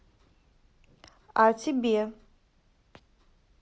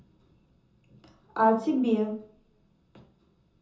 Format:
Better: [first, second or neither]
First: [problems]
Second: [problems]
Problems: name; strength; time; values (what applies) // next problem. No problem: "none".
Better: first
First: none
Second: room echo; dies away in 0.5 s